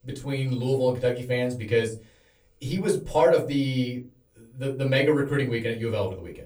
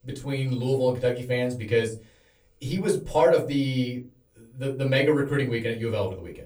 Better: neither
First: off-mic speech; far // room echo; very slight; dies away in 0.3 s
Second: off-mic speech; far // room echo; very slight; dies away in 0.3 s

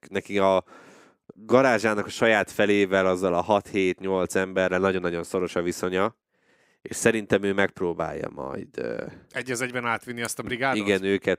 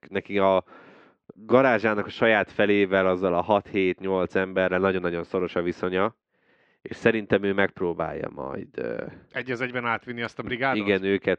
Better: first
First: none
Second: muffled; slightly; fading above 4 kHz

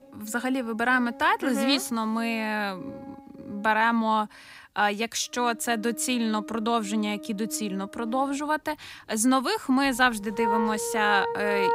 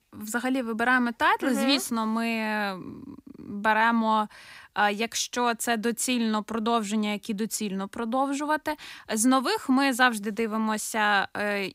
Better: second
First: background music; loud; throughout; 9 dB below the speech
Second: none

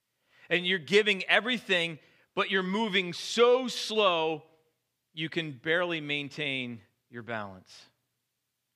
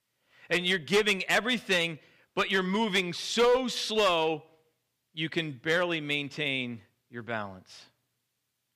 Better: first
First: none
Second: distortion; slight; 3% of the sound clipped

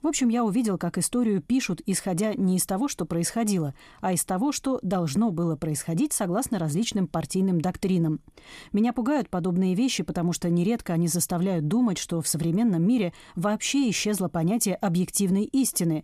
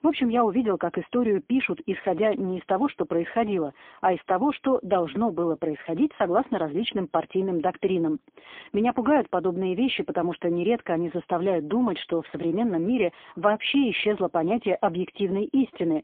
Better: first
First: none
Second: phone-call audio; poor line; nothing above 3.5 kHz

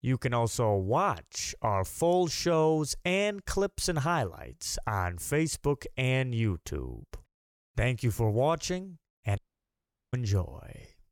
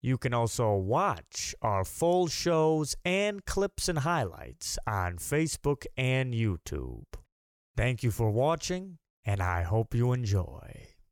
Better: second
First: audio cutting out; at 9.5 s for 1 s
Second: none

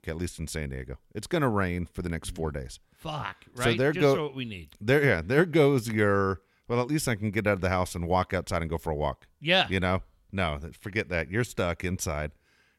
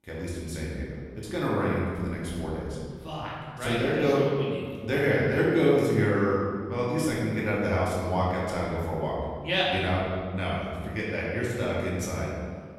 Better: first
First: none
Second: room echo; strong; dies away in 1.7 s // off-mic speech; far

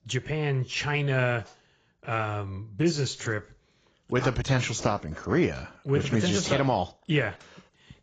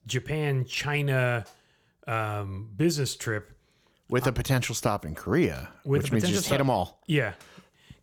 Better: second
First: garbled, watery; badly; nothing above 7.5 kHz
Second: none

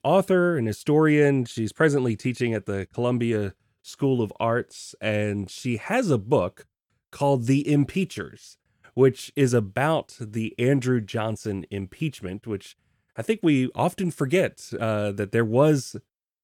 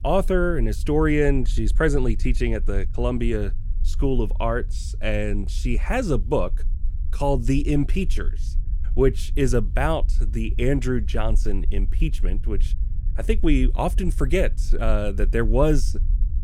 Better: first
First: none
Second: low rumble; faint; throughout; 25 dB below the speech

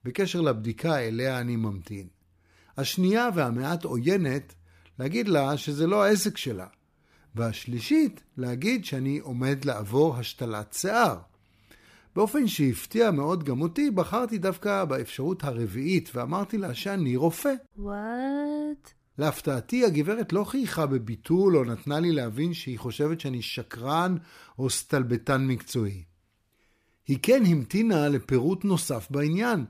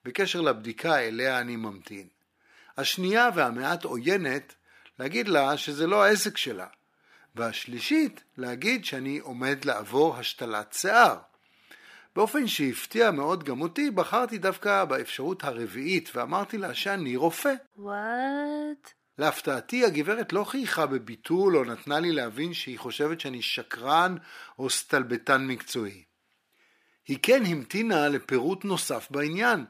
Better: first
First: none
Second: thin; somewhat; fading below 250 Hz

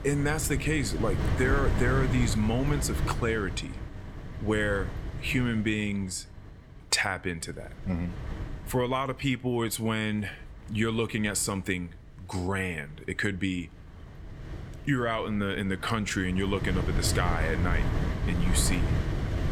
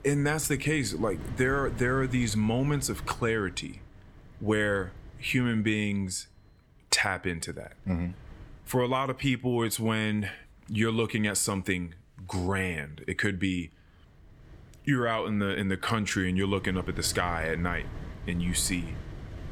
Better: second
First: wind noise on the microphone; heavy; 9 dB below the speech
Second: wind noise on the microphone; occasional gusts; 20 dB below the speech

